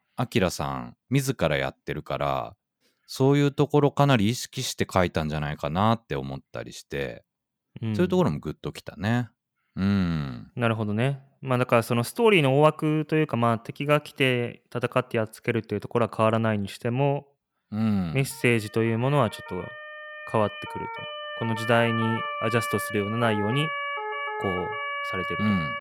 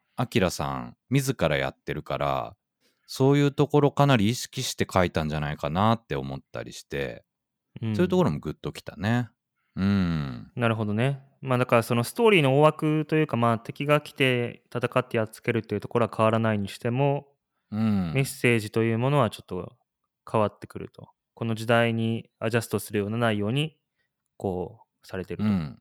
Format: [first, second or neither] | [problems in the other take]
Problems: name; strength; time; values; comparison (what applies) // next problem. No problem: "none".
second | siren; noticeable; from 18 s on; peak 3 dB below the speech